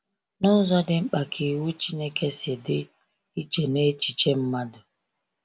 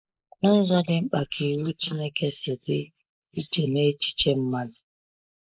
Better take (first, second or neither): first